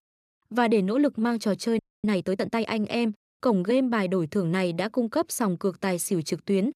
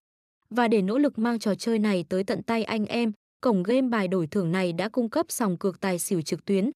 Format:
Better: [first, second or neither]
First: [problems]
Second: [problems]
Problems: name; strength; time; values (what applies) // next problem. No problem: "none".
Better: second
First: audio freezing; at 2 s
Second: none